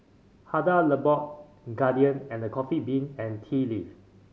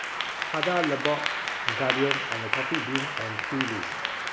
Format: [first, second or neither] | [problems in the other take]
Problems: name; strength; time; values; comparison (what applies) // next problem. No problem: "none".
first | background sound (Applause / Clapping); 1 dB above the speech